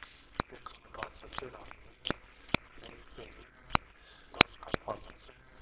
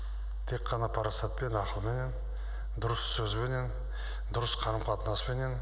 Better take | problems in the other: second | noise reduction (neural separator model SepFormer WHAMR!)

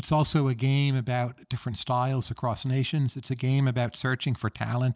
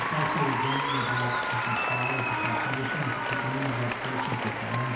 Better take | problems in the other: first | background sound (Applause); 3 dB above the speech // room echo; dies away in 2.2 s

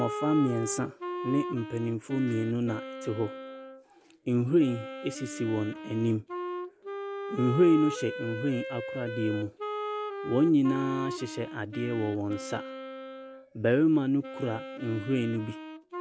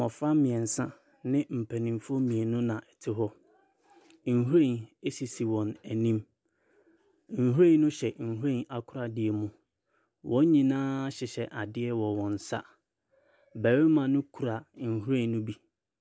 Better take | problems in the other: second | background sound (Wind instrument, woodwind instrument); 8 dB below the speech

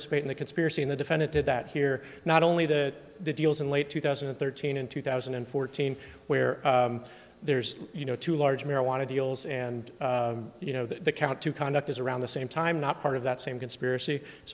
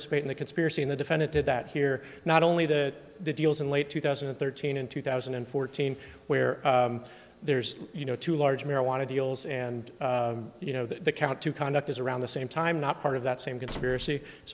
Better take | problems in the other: first | background sound (Slam); 16 dB below the speech

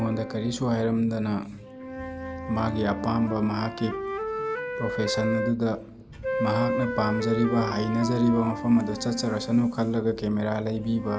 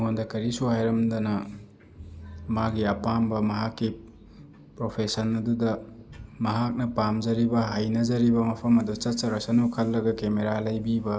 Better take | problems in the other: second | background sound (Wind instrument, woodwind instrument); 7 dB below the speech

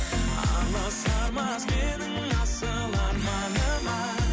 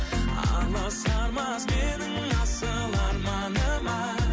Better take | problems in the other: second | background sound (Camera + Whoosh, swoosh, swish); 13 dB below the speech

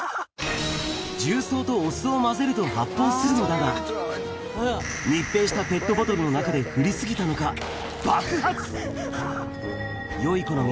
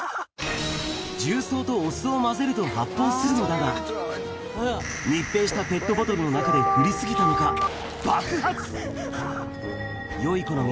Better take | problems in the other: first | background sound (Organ); 2 dB above the speech

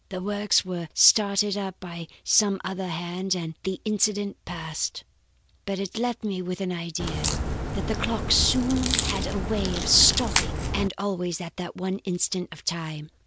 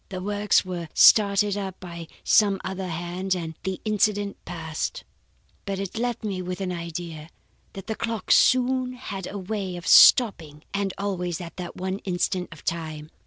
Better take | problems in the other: second | background sound (Crack); as loud as the speech

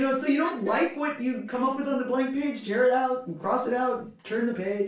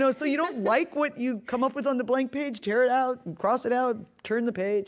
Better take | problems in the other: second | room echo; dies away in 0.3 s

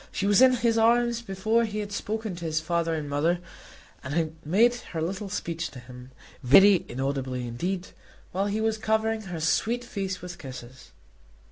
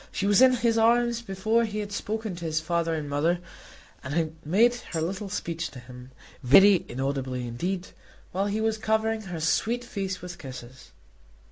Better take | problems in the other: first | background sound (Tambourine); 19 dB below the speech

